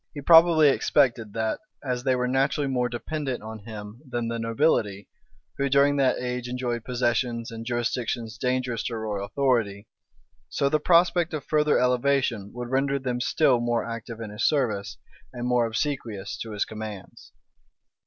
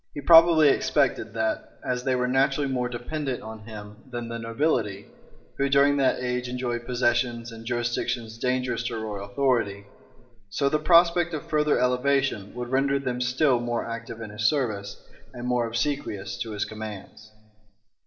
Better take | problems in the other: first | room echo; dies away in 2.6 s

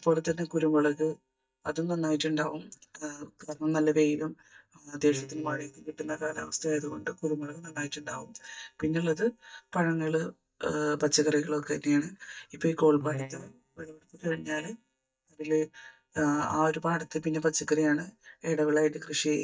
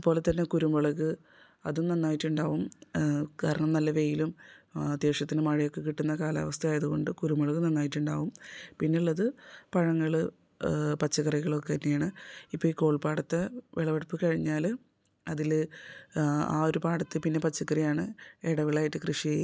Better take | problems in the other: second | noise reduction (neural mask model DeepFilterNet 3)

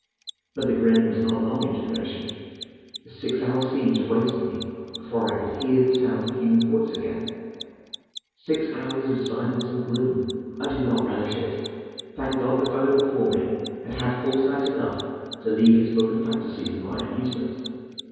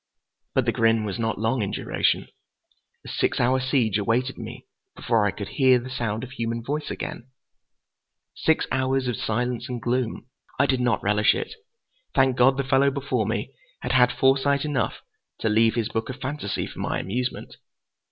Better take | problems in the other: second | background sound (Mechanisms); 18 dB below the speech // room echo; dies away in 2.2 s

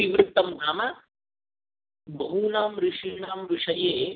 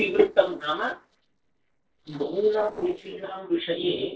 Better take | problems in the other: first | noise reduction (neural separator model SepFormer DNS4)

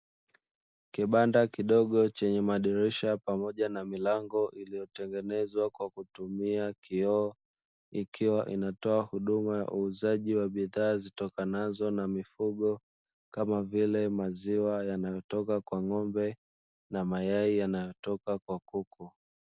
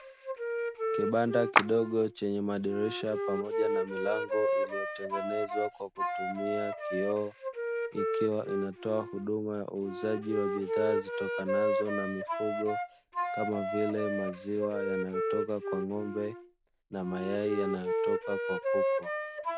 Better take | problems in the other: first | background sound (Wind instrument, woodwind instrument + Clapping); 1 dB above the speech

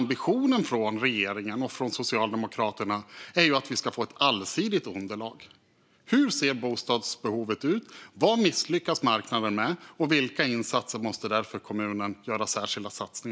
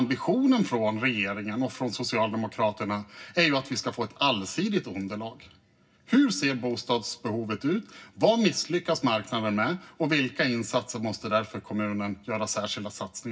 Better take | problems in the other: first | room echo; dies away in 0.4 s

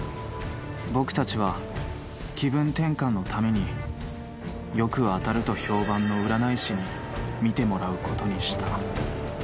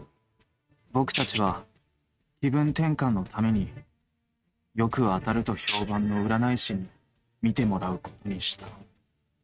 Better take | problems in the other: first | noise reduction (neural mask model RNNoise)

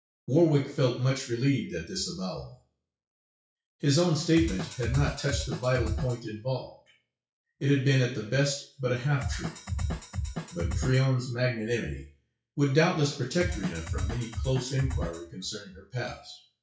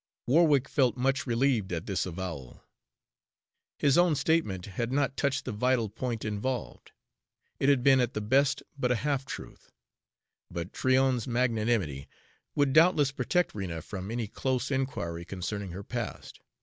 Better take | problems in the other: second | noise reduction (classical method WPE with log-MMSE)

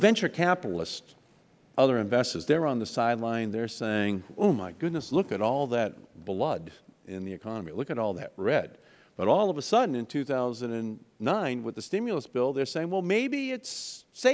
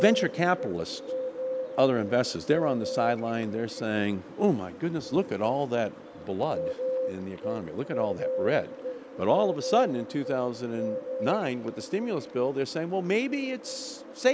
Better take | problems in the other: first | background sound (Bird); 7 dB below the speech

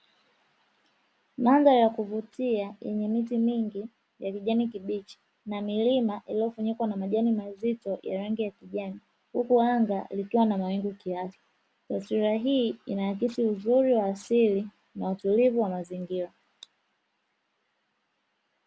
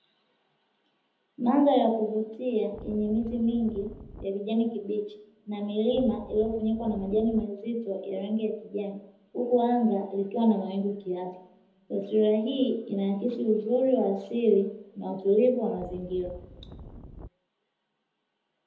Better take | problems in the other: first | background sound (Wind); 16 dB below the speech // room echo; dies away in 0.8 s

